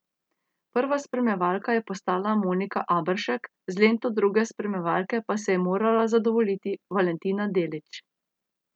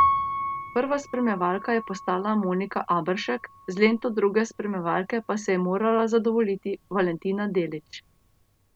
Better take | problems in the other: first | background sound (Piano); 8 dB below the speech

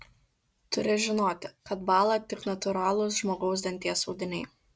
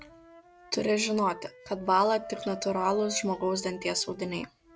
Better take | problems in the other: first | background sound (Wind instrument, woodwind instrument + Wind instrument, woodwind instrument); 16 dB below the speech

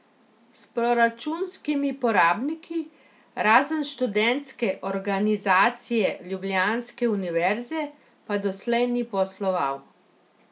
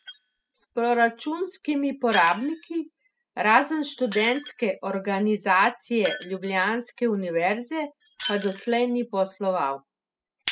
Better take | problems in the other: first | noise reduction (classical method spectral subtraction)

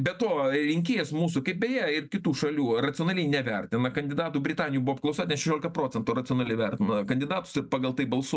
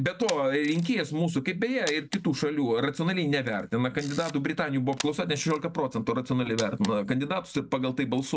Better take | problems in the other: first | background sound (Camera); 18 dB below the speech

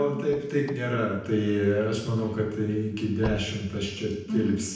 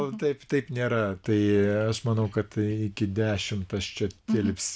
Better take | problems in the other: second | background sound (Slam / Car); 16 dB below the speech // room echo; dies away in 0.9 s

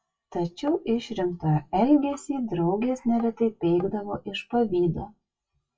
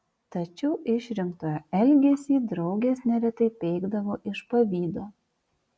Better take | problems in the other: second | noise reduction (classical method WPE with log-MMSE)

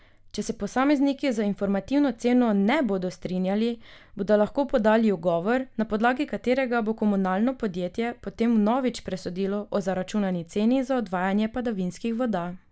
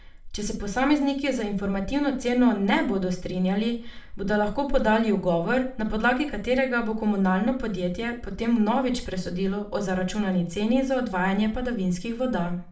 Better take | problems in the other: first | room echo; dies away in 0.3 s

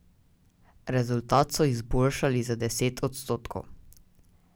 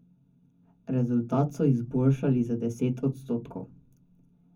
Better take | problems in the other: first | room echo; dies away in 0.3 s

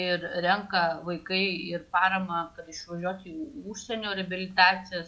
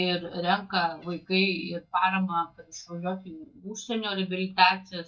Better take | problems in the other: first | noise reduction (neural mask model DeepFilterNet 3)

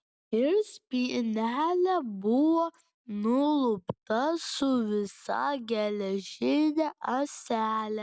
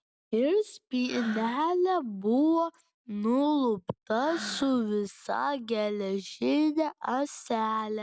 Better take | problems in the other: first | background sound (Breathing); 17 dB below the speech

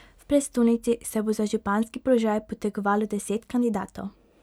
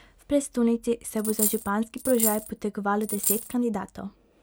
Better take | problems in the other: first | background sound (Coin (dropping)); 3 dB below the speech

